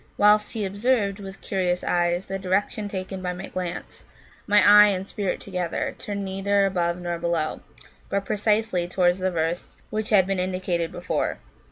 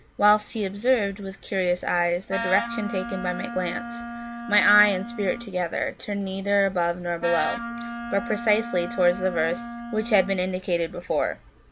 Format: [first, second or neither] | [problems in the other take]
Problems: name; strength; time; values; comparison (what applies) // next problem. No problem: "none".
first | background sound (Wind instrument, woodwind instrument); 9 dB below the speech